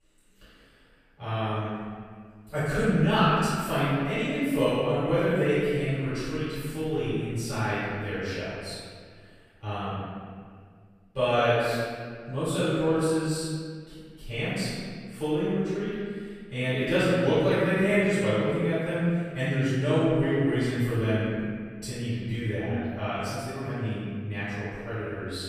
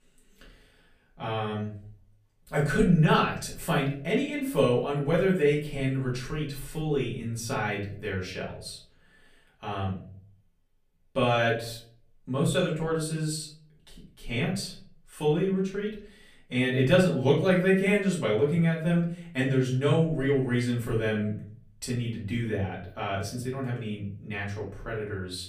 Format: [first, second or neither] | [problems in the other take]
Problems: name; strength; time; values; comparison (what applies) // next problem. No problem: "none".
second | room echo; strong; dies away in 1.9 s; slight in the second // off-mic speech; far; far in the second